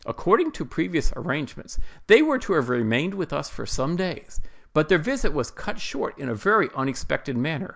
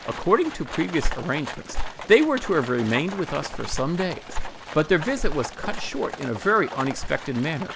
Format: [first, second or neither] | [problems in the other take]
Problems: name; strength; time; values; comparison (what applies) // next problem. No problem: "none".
first | background sound (Livestock, farm animals, working animals); 13 dB below the speech